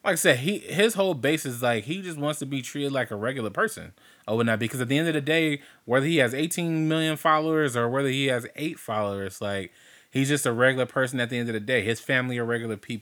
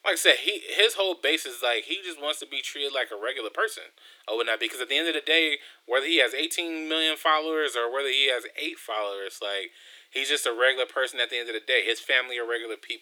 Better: first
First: none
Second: thin; very; fading below 350 Hz

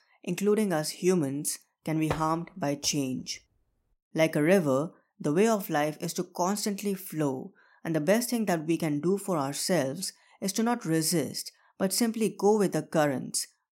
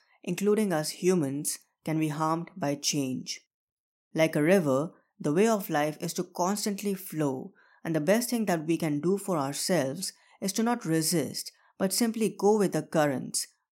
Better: second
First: door banging; noticeable; at 2 s; peak 9 dB below the speech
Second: none

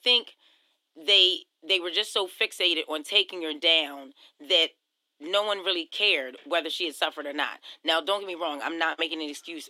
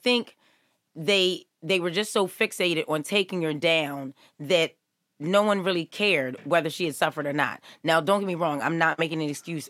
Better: second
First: thin; somewhat; fading below 300 Hz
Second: none

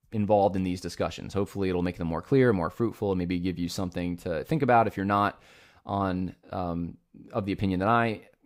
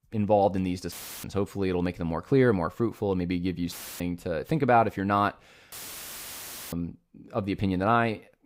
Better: first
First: none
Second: audio cutting out; filled with static; at 1 s, at 3.5 s and at 5.5 s for 1 s

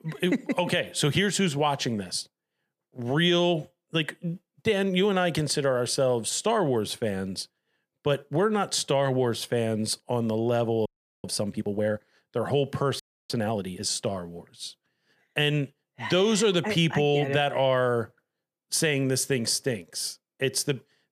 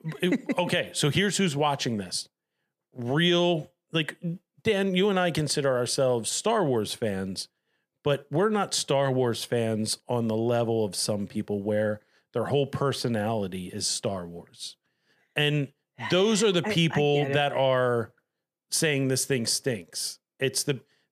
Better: second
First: audio freezing; at 11 s and at 13 s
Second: none

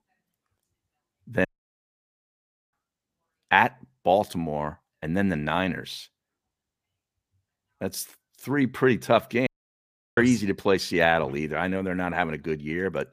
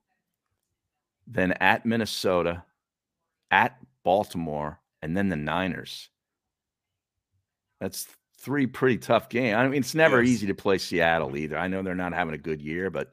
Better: second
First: audio cutting out; at 1.5 s for 1.5 s and at 9.5 s for 0.5 s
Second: none

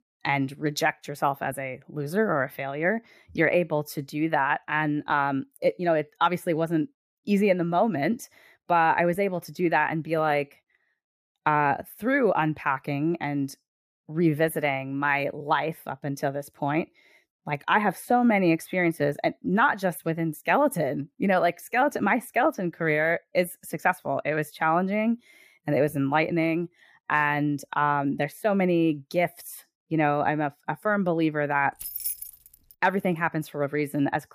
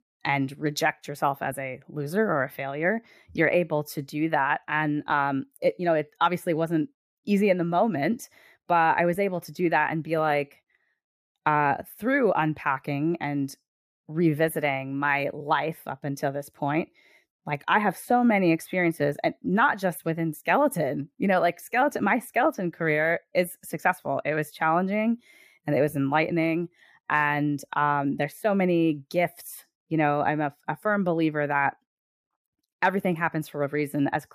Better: second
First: jangling keys; noticeable; at 32 s; peak 4 dB below the speech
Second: none

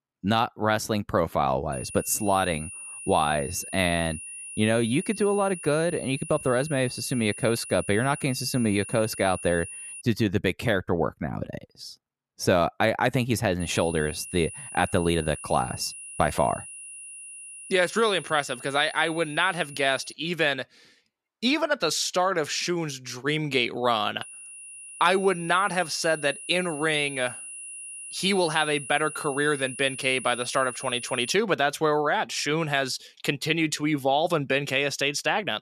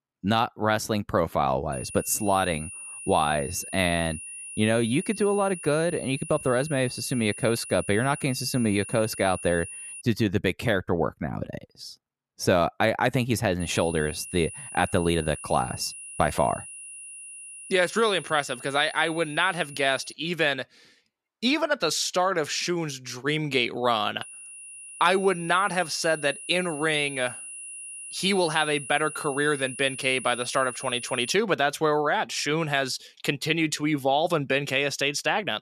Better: neither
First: high-pitched whine; noticeable; from 1.5 to 10 s, from 14 to 20 s and from 24 to 31 s; 10 kHz, 10 dB below the speech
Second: high-pitched whine; noticeable; from 1.5 to 10 s, from 14 to 20 s and from 24 to 31 s; 10 kHz, 10 dB below the speech

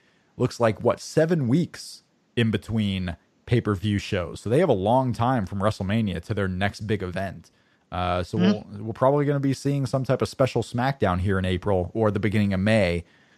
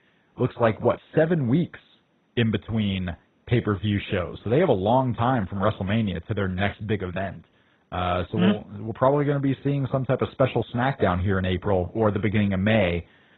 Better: first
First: none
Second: garbled, watery; badly; nothing above 4 kHz

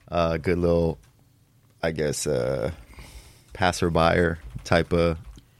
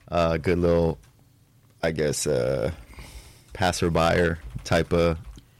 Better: first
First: none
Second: distortion; slight; 4% of the sound clipped

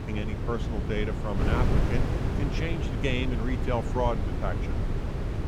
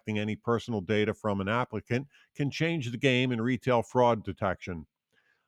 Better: second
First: wind noise on the microphone; heavy; 4 dB below the speech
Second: none

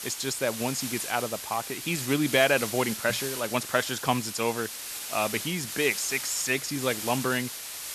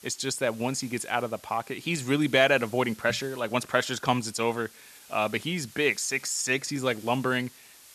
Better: second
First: hiss; loud; throughout; 6 dB below the speech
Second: hiss; faint; throughout; 20 dB below the speech

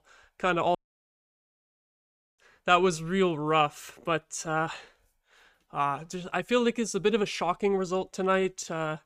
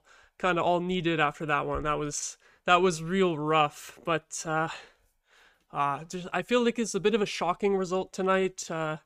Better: second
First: audio cutting out; at 1 s for 1.5 s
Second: none

